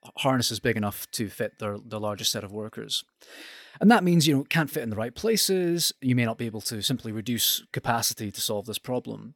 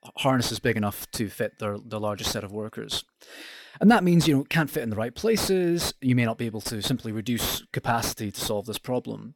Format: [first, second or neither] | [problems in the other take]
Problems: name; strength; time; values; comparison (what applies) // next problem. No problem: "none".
first | distortion; slight; 10 dB below the speech